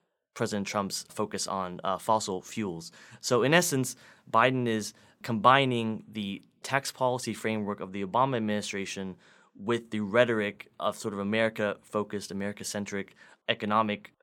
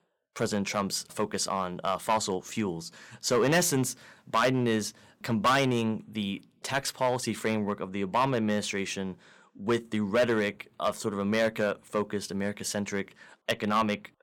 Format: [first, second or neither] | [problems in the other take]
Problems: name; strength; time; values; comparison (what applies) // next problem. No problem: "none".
first | distortion; heavy; 3% of the sound clipped